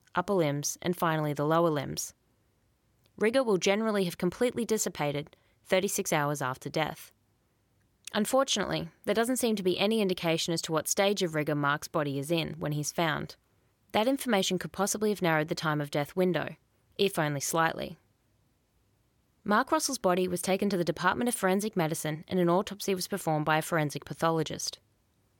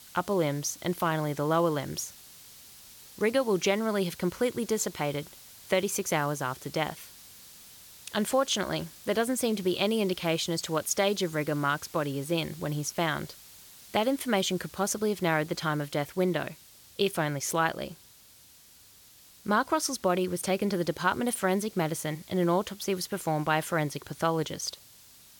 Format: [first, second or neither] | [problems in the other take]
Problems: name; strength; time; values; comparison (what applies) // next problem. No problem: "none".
first | hiss; noticeable; throughout; 20 dB below the speech